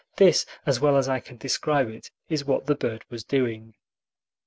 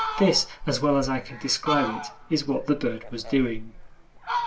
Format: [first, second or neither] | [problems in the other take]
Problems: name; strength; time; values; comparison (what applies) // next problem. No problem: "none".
first | background sound (Fowl); 7 dB below the speech // room echo; dies away in 0.2 s